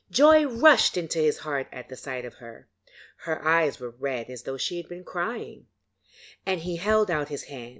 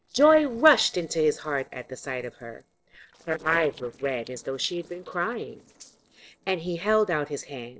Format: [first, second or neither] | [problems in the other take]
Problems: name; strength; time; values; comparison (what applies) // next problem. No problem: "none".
first | noise reduction (neural separator model SepFormer DNS4)